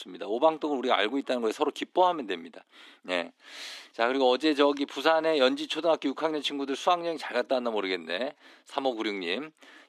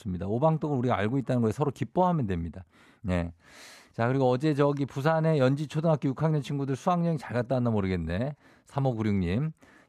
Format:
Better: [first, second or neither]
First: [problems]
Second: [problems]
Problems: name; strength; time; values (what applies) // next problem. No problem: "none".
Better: second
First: thin; somewhat; fading below 300 Hz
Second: none